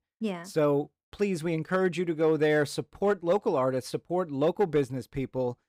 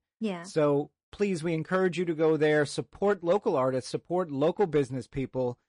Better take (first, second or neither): first